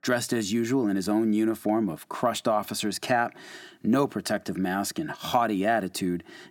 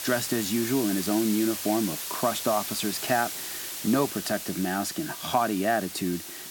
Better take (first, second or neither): first